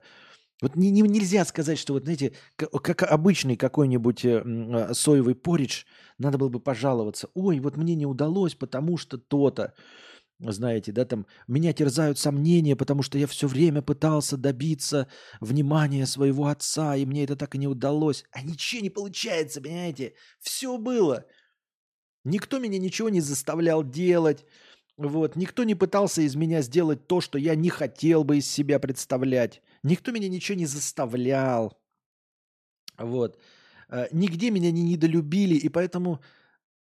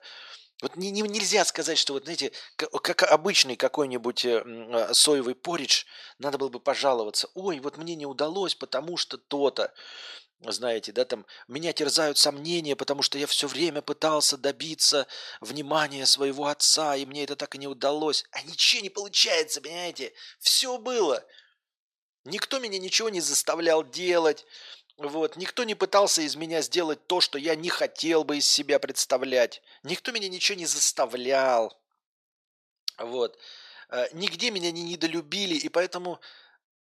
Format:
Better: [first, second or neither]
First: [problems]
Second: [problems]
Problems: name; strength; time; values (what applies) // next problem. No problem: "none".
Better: first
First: none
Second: thin; very; fading below 650 Hz